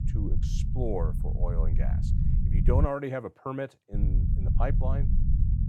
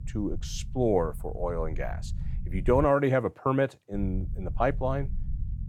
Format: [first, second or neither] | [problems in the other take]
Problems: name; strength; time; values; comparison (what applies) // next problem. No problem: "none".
second | low rumble; loud; until 3 s and from 4 s on; 8 dB below the speech; faint in the second